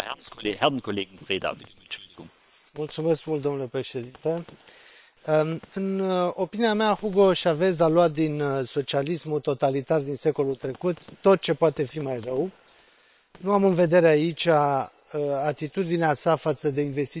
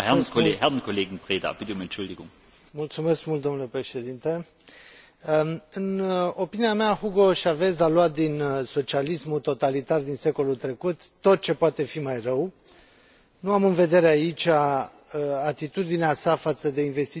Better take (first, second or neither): second